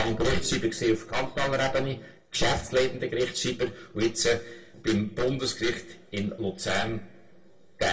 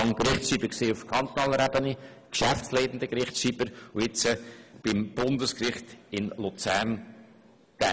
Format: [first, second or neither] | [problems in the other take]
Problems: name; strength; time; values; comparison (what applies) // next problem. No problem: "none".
second | noise reduction (neural separator model SepFormer DNS4)